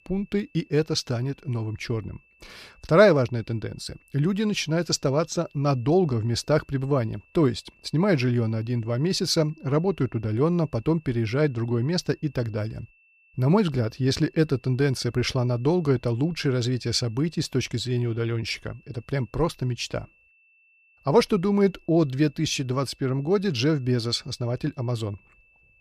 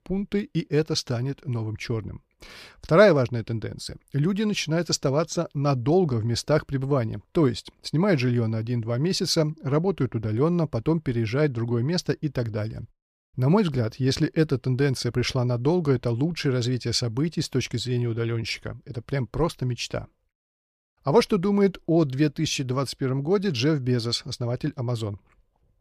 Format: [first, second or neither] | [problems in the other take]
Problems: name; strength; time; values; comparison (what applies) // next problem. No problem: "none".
second | high-pitched whine; faint; throughout; 2.5 kHz, 35 dB below the speech